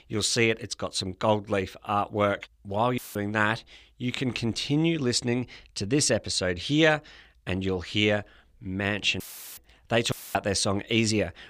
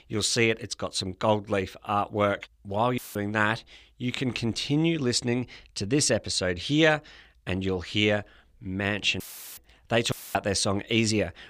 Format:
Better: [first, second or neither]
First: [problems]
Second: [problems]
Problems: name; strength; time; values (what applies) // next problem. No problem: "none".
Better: neither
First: audio cutting out; filled with static; at 3 s, at 9 s and at 10 s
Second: audio cutting out; filled with static; at 3 s, at 9 s and at 10 s